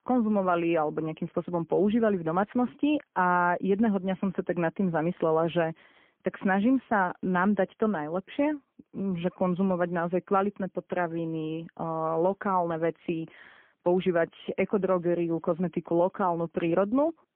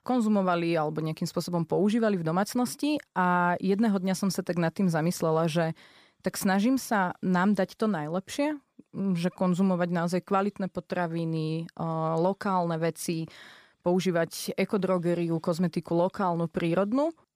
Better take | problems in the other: second | phone-call audio; poor line; nothing above 3.5 kHz

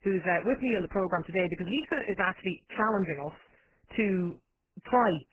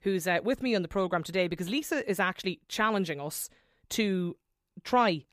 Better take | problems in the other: second | garbled, watery; badly; nothing above 3 kHz

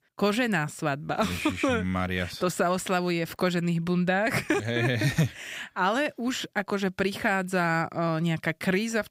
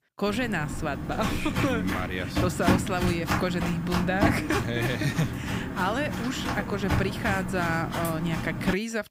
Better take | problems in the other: first | footsteps; loud; peak 4 dB above the speech

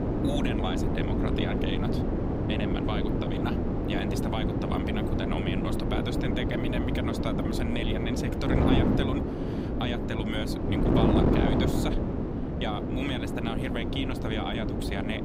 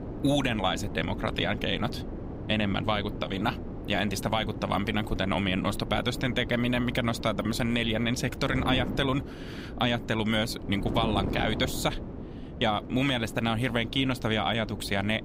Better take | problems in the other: second | wind noise on the microphone; heavy; 2 dB above the speech; occasional gusts in the second

